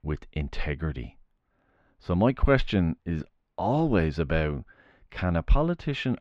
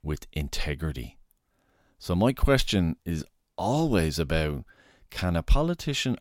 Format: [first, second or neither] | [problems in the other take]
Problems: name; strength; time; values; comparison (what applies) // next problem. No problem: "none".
second | muffled; slightly; fading above 2 kHz